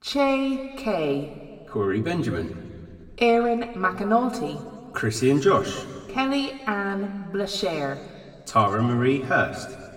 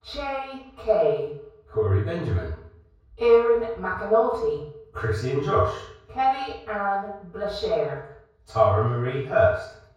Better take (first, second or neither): first